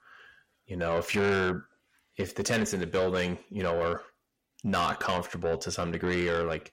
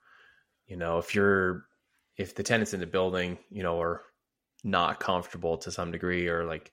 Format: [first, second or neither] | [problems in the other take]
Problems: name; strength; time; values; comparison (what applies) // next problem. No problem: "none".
second | distortion; heavy; 7 dB below the speech